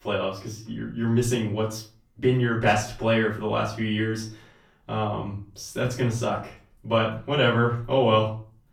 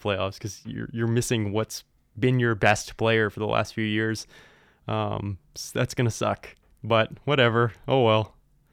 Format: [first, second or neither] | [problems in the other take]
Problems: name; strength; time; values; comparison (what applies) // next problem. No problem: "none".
second | off-mic speech; far // room echo; slight; dies away in 0.3 s